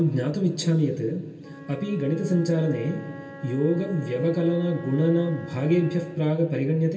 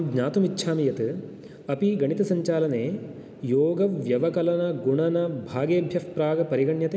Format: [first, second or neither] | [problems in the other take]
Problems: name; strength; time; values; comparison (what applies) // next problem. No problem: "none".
second | background sound (Wind instrument, woodwind instrument); 20 dB below the speech // room echo; dies away in 0.2 s